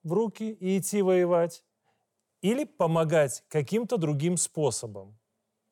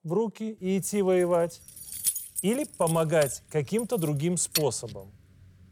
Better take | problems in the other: first | jangling keys; loud; from 1 to 4.5 s; peak level with the speech

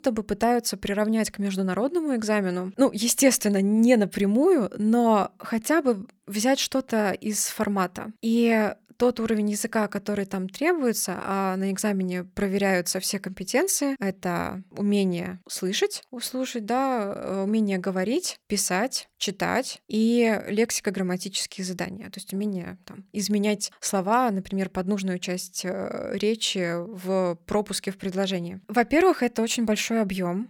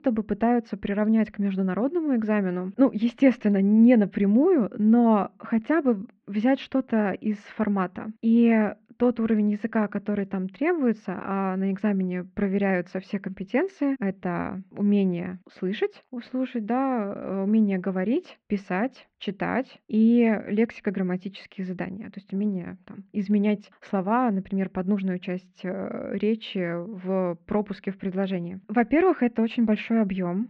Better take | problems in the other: first | muffled; very; fading above 2.5 kHz

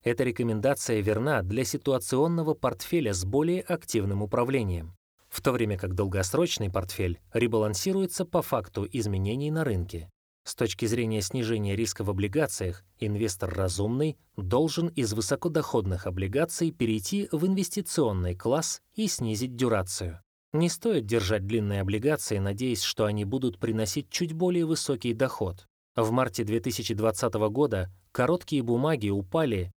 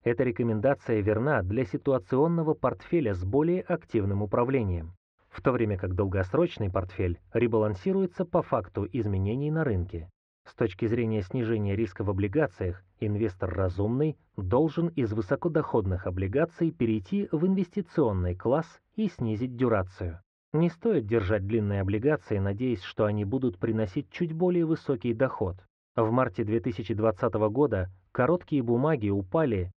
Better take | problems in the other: first | muffled; very; fading above 2 kHz

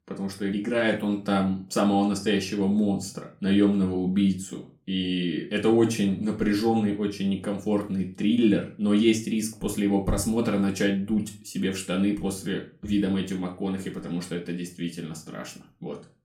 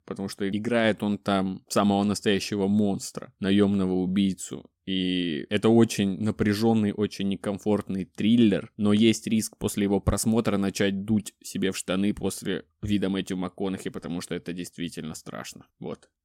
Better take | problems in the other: second | off-mic speech; far // room echo; very slight; dies away in 0.3 s

